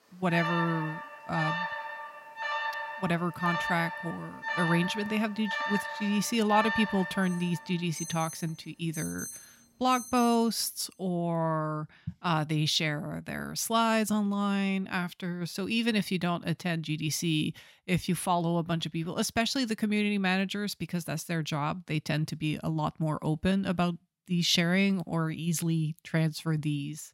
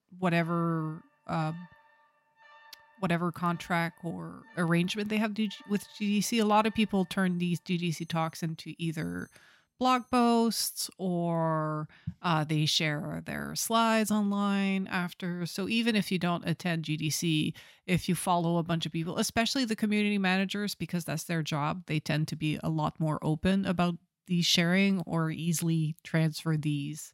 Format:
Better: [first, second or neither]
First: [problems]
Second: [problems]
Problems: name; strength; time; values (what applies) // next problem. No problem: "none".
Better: second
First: alarms or sirens; loud; until 10 s; 6 dB below the speech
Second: alarms or sirens; faint; until 10 s; 30 dB below the speech